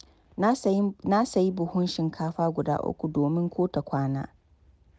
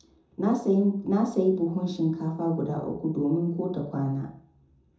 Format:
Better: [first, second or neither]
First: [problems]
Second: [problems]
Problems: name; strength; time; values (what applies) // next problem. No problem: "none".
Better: first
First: none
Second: room echo; dies away in 0.5 s